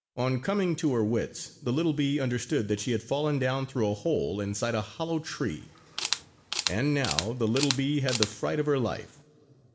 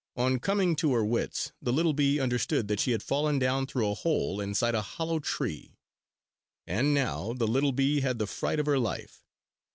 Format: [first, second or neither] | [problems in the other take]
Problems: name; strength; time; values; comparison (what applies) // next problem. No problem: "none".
second | background sound (Camera); 6 dB below the speech // room echo; dies away in 2.5 s